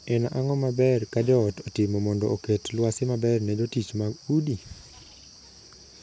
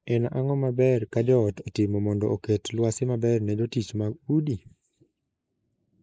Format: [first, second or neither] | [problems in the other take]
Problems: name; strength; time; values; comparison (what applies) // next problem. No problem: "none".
first | noise reduction (neural mask model Resemble Enhance denoiser)